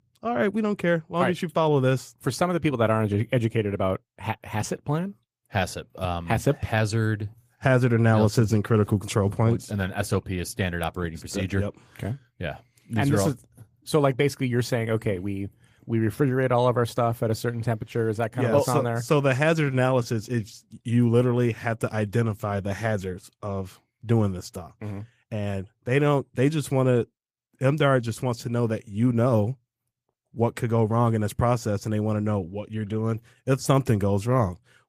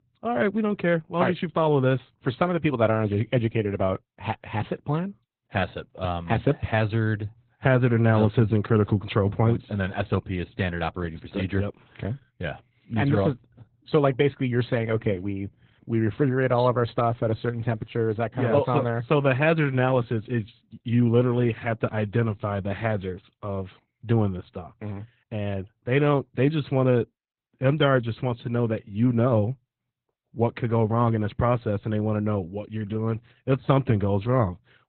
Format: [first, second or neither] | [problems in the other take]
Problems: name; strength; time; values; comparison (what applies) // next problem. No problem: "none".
first | garbled, watery; badly; nothing above 4 kHz; slightly in the first